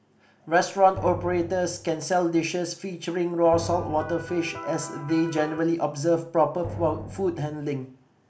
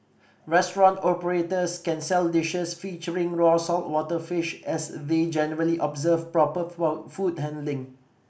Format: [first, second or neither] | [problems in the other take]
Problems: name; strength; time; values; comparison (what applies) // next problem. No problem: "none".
second | background sound (Drum + Electric guitar); 12 dB below the speech